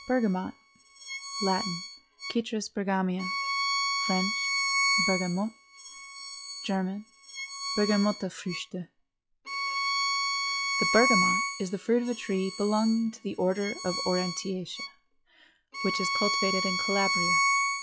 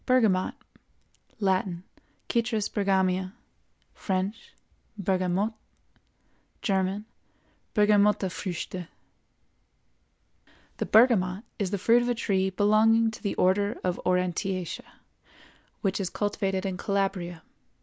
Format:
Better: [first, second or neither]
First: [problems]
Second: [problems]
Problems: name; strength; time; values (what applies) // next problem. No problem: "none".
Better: second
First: noise reduction (classical method log-MMSE)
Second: none